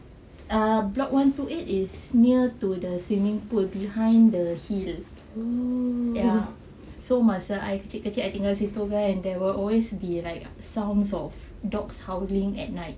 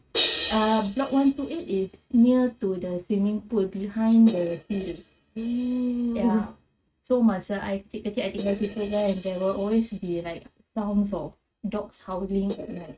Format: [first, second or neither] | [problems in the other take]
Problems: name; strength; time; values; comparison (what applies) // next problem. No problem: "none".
first | noise reduction (neural mask model RNNoise)